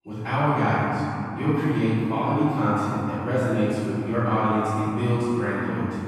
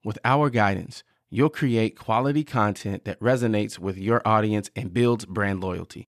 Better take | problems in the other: second | off-mic speech; far // room echo; strong; dies away in 3 s

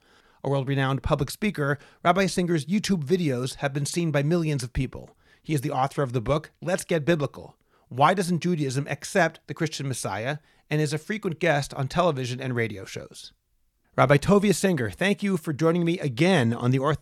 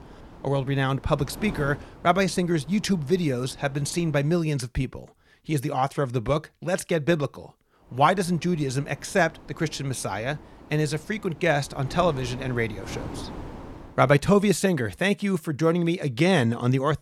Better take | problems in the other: first | wind noise on the microphone; occasional gusts; until 4.5 s and from 8 to 14 s; 20 dB below the speech

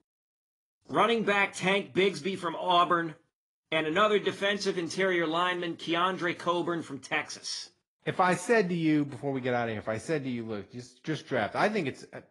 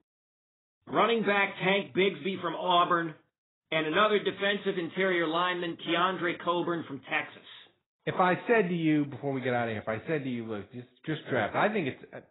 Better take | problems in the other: first | garbled, watery; badly; nothing above 4 kHz; slightly in the first

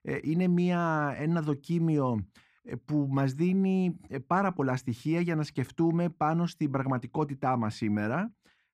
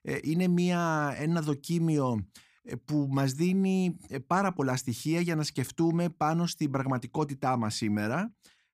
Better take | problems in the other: second | muffled; slightly; fading above 3.5 kHz

